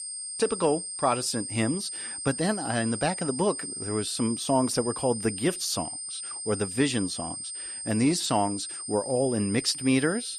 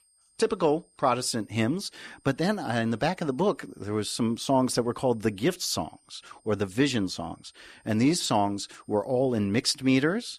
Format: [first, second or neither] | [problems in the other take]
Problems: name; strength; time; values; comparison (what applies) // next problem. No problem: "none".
second | high-pitched whine; loud; throughout; 8.5 kHz, 6 dB below the speech; faint in the second